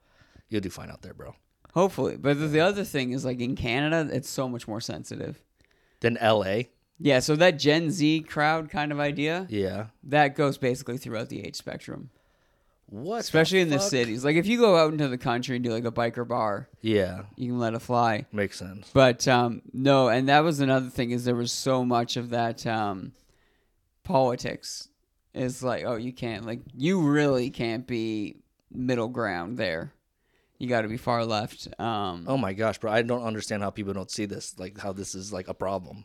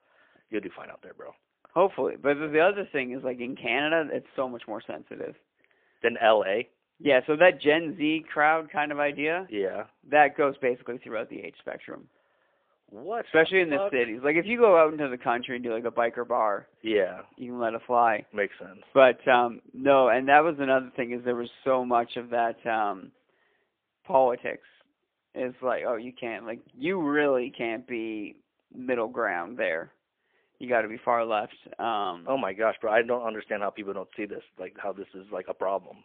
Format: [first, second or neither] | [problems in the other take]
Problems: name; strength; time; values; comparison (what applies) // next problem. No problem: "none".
first | phone-call audio; poor line; nothing above 3.5 kHz